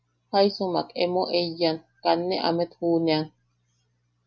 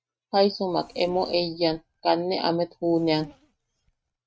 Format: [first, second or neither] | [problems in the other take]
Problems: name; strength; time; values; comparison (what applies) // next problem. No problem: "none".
first | noise reduction (neural mask model RNNoise)